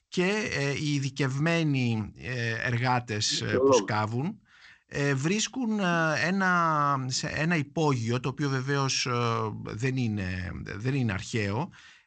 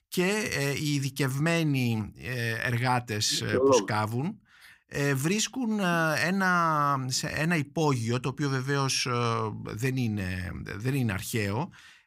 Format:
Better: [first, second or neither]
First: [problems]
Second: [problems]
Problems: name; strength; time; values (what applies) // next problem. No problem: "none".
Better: second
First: garbled, watery; slightly; nothing above 7.5 kHz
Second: none